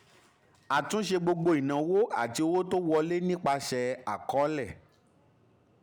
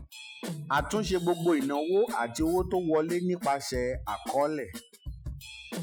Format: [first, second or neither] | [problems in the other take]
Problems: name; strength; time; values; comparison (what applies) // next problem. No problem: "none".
first | noise reduction (classical method Wiener filter)